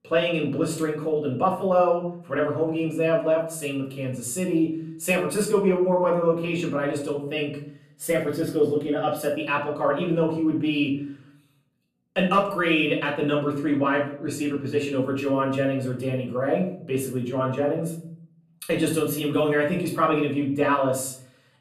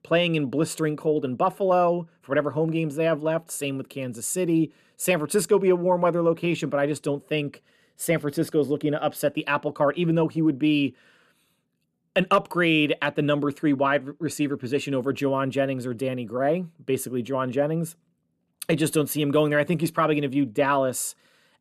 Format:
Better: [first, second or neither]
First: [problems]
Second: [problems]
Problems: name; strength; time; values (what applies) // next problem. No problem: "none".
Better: second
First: room echo; slight; dies away in 0.5 s // off-mic speech; far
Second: none